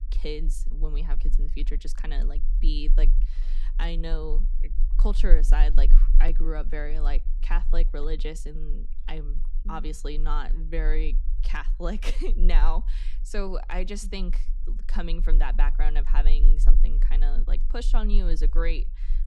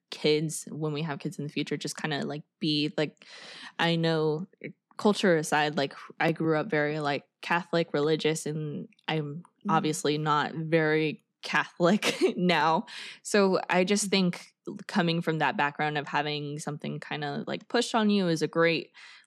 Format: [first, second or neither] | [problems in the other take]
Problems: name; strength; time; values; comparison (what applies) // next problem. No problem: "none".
second | low rumble; noticeable; throughout; 15 dB below the speech